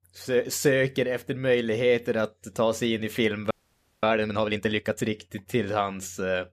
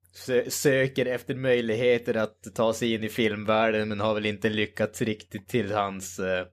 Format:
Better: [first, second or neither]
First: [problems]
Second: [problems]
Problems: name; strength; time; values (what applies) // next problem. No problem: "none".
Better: second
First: audio freezing; at 3.5 s for 0.5 s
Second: none